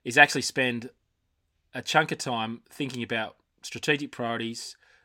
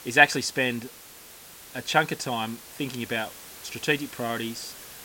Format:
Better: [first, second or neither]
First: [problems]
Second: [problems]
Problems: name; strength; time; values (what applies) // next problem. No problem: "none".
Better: first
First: none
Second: hiss; noticeable; throughout; 15 dB below the speech